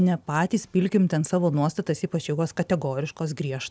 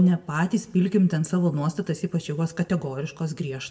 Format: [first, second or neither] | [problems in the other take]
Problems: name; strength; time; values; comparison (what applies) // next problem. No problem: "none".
first | room echo; dies away in 0.5 s